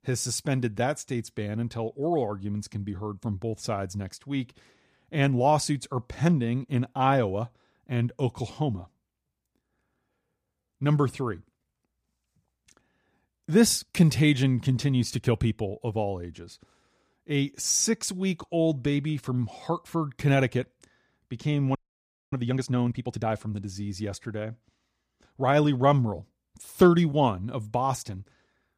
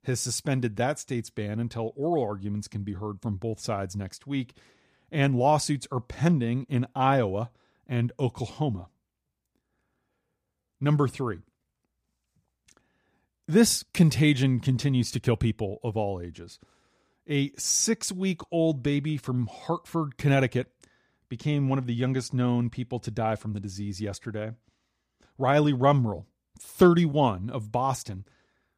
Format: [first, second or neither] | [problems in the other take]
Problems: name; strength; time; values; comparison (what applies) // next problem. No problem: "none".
second | audio freezing; at 22 s for 0.5 s